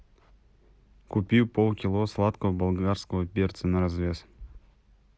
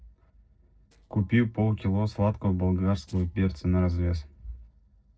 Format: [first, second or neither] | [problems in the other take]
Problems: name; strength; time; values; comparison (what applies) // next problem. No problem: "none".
first | noise reduction (neural separator model SepFormer DNS4)